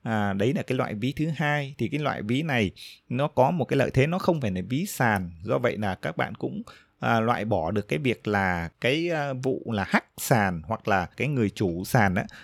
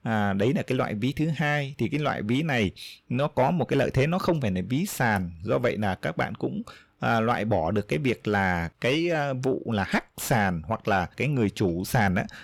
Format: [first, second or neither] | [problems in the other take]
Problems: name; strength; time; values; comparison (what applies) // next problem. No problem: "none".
first | distortion; slight; 10 dB below the speech